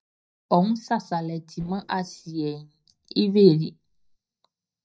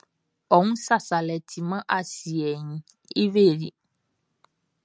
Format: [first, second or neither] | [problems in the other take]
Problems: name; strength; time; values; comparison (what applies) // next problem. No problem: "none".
second | noise reduction (neural mask model DeepFilterNet 3)